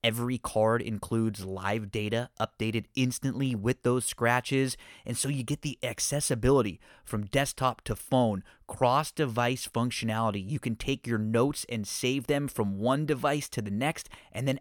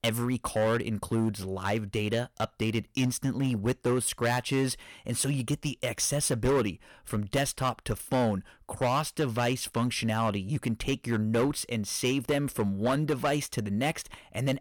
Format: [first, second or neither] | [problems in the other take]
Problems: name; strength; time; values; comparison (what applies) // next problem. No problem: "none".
first | distortion; slight; 7% of the sound clipped